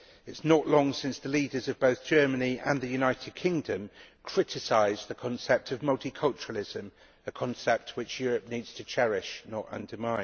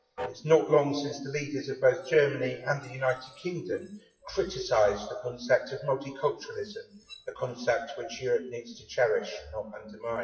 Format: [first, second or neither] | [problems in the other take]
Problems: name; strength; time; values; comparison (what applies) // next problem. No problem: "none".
first | noise reduction (classical method WPE with log-MMSE)